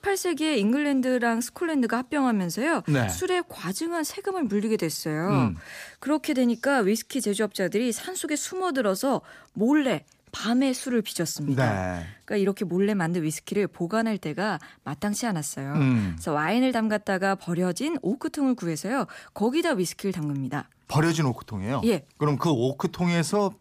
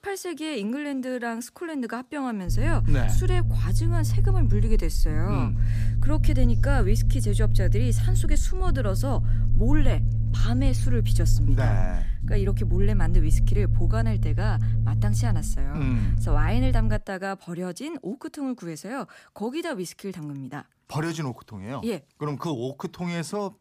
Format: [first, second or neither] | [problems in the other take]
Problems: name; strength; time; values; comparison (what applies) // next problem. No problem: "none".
first | low rumble; loud; from 2.5 to 17 s; 6 dB below the speech